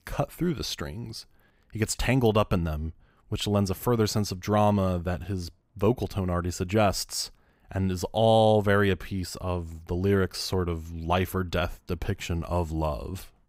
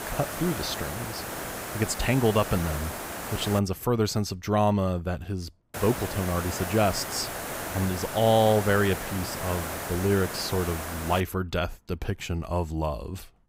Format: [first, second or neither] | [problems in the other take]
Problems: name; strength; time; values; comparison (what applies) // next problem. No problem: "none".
first | hiss; loud; until 3.5 s and from 5.5 to 11 s; 6 dB below the speech